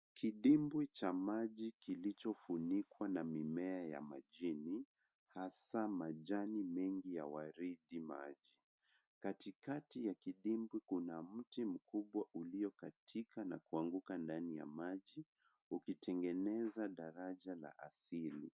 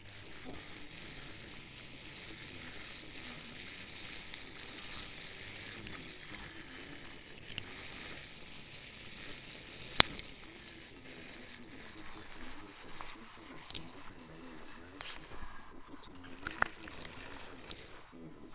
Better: first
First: none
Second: noise reduction (neural separator model SepFormer WHAMR!)

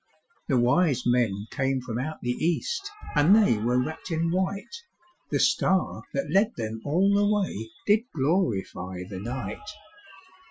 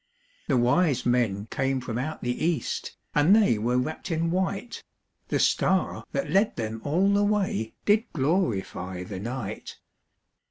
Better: second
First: noise reduction (classical method Wiener filter)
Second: none

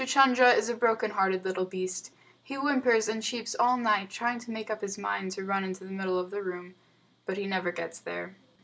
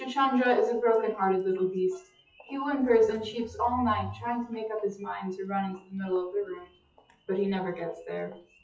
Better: first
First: none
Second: noise reduction (classical method WPE with log-MMSE)

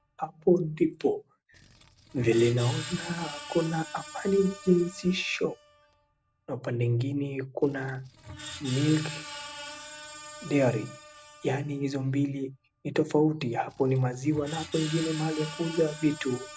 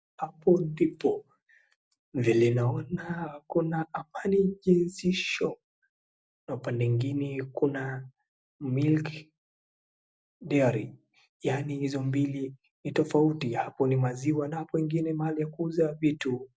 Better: second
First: background sound (Screech); 15 dB below the speech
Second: none

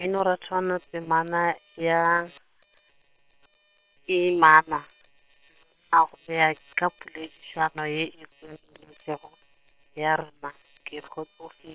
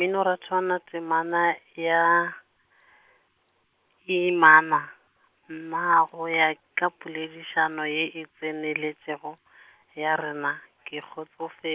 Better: second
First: noise reduction (neural separator model SepFormer WHAM!)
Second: none

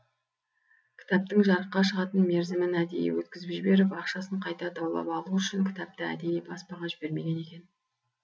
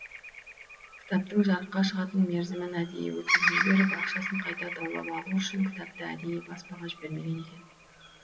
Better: first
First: none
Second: background sound (Bird vocalization, bird call, bird song); 4 dB below the speech // room echo; dies away in 1.6 s

